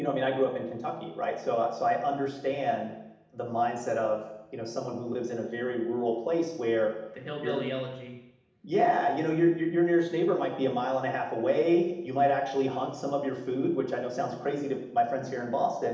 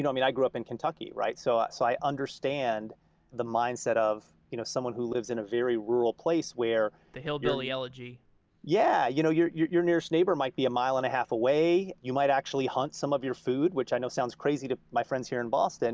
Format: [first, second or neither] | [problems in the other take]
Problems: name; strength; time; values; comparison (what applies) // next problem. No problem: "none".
second | room echo; dies away in 0.8 s